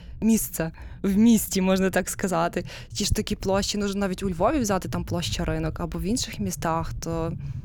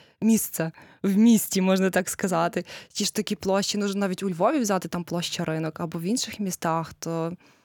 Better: second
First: low rumble; faint; throughout; 25 dB below the speech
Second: none

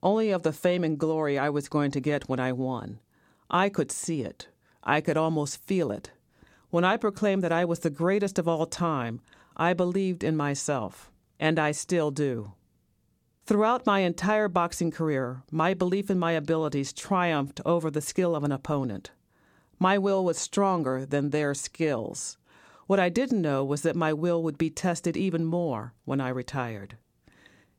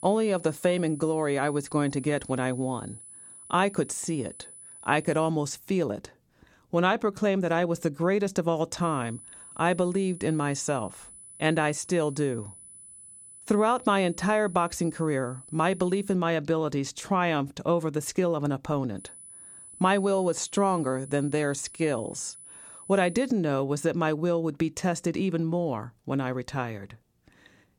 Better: first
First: none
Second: high-pitched whine; noticeable; until 5.5 s, from 9 to 16 s and from 19 to 23 s; 10 kHz, 15 dB below the speech

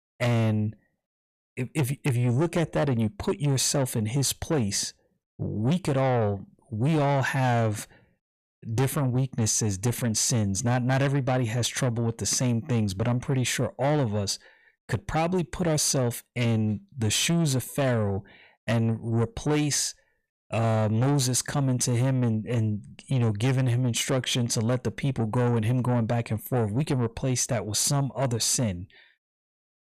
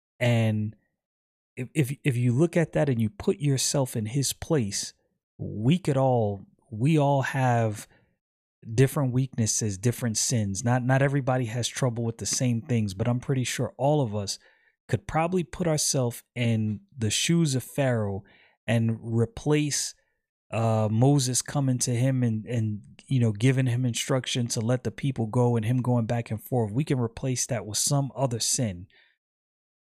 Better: second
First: distortion; slight; 10 dB below the speech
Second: none

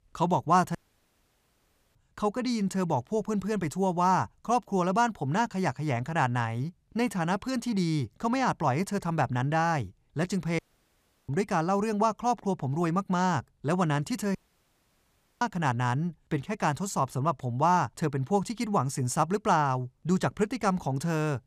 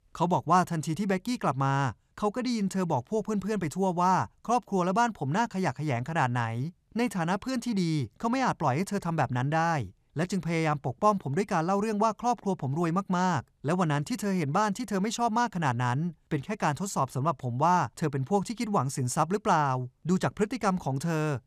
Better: second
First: audio cutting out; at 1 s for 1 s, at 11 s for 0.5 s and at 14 s for 1 s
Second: none

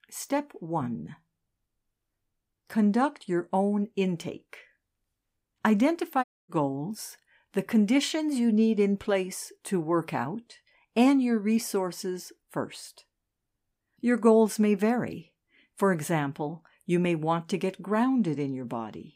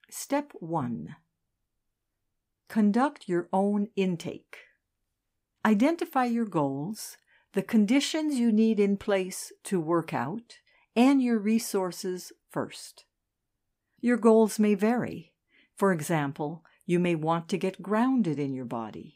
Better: second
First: audio cutting out; at 6 s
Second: none

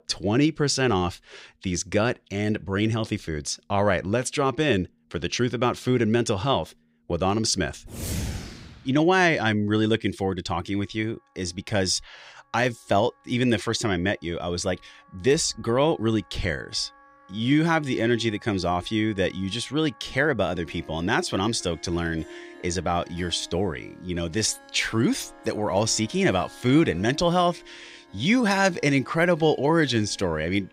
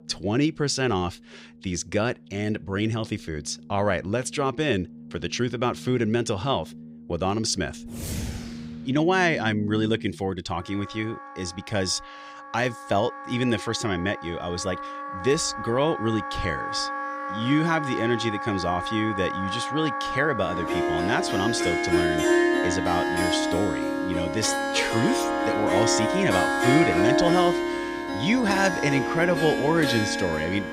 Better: first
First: background music; faint; throughout; 25 dB below the speech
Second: background music; loud; throughout; 1 dB below the speech

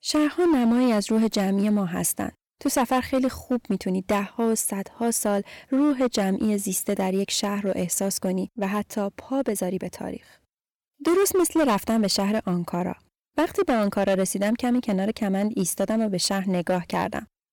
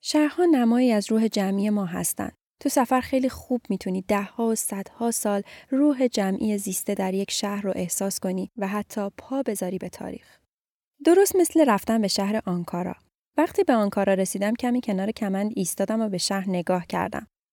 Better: second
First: distortion; slight; 8% of the sound clipped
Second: none

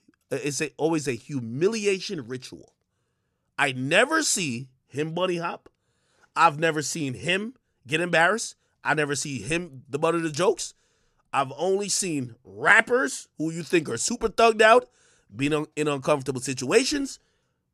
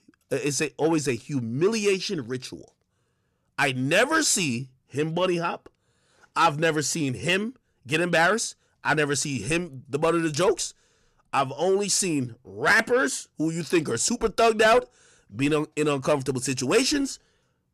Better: first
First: none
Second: distortion; slight; 10 dB below the speech

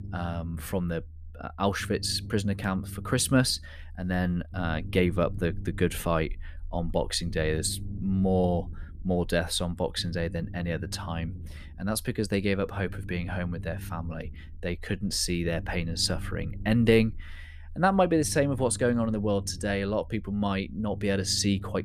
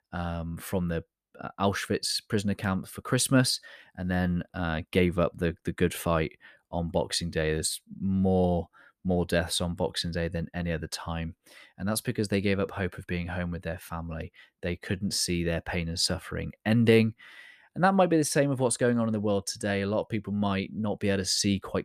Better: second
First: low rumble; faint; throughout; 20 dB below the speech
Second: none

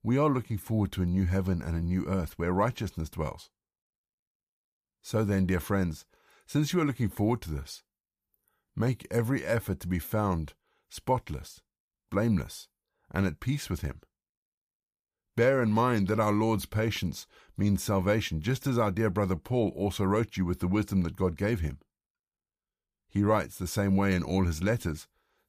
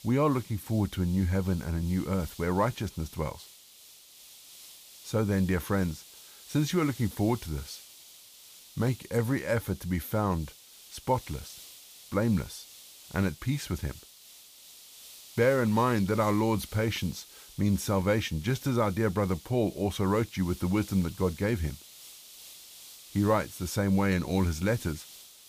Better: first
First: none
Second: hiss; noticeable; throughout; 20 dB below the speech

